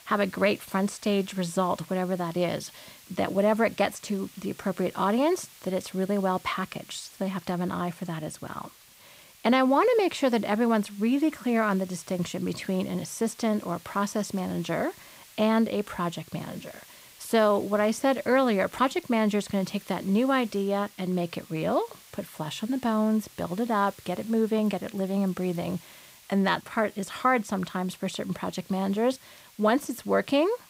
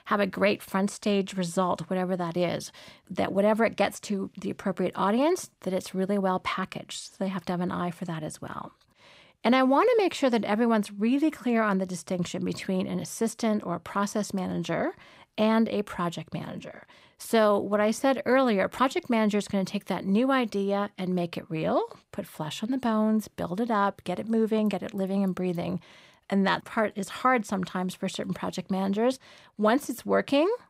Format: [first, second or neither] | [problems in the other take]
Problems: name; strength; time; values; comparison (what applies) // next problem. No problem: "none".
second | hiss; faint; throughout; 20 dB below the speech